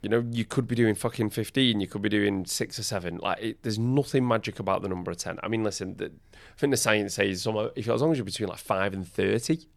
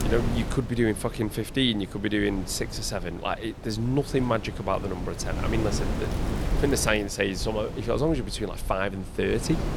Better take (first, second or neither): first